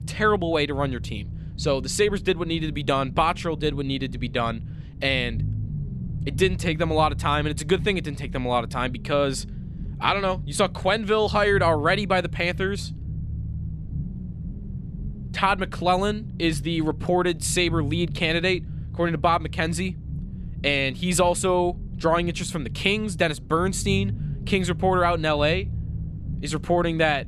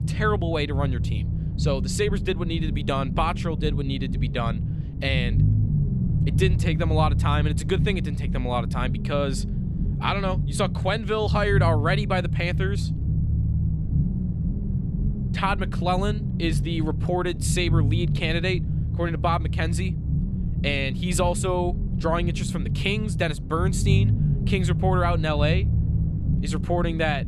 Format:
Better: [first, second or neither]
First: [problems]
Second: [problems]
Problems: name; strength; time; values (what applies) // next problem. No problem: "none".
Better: first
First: low rumble; faint; throughout; 20 dB below the speech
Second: low rumble; loud; throughout; 10 dB below the speech